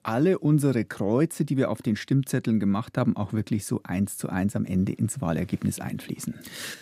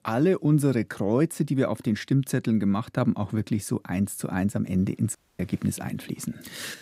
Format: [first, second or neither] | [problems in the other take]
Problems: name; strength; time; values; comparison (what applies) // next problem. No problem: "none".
first | audio cutting out; at 5 s